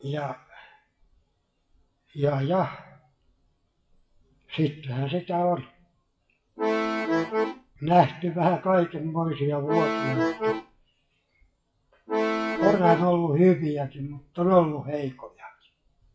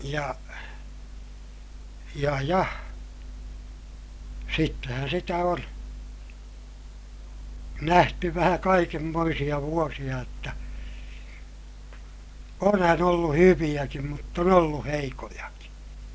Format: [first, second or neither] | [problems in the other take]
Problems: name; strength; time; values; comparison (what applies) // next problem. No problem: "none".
second | noise reduction (classical method WPE with log-MMSE)